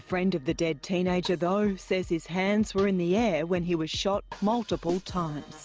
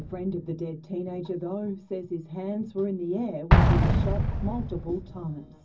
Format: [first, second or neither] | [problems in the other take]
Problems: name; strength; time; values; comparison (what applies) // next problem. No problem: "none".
first | background sound (Explosion); 4 dB above the speech // room echo; dies away in 0.4 s